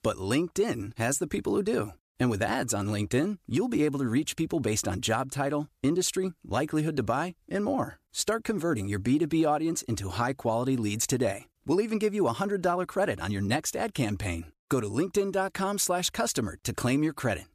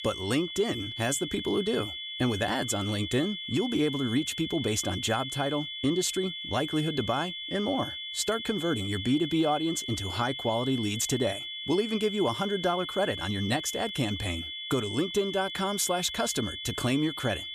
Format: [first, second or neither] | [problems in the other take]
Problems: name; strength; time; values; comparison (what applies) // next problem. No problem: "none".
first | high-pitched whine; loud; throughout; 3.5 kHz, 6 dB below the speech